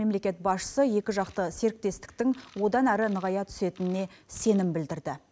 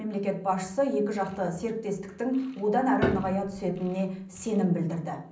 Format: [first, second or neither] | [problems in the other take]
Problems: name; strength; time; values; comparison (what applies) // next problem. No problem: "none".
first | background sound (Piano); 5 dB below the speech // room echo; dies away in 0.6 s